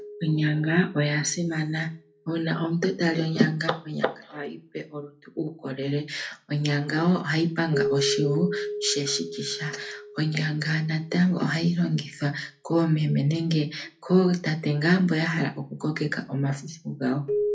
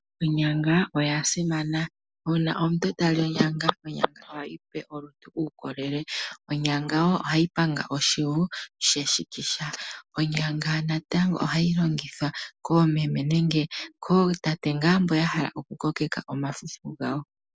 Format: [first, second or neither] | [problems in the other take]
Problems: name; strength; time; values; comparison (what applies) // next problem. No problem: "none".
second | background sound (Keyboard (musical)); 11 dB below the speech // room echo; dies away in 0.3 s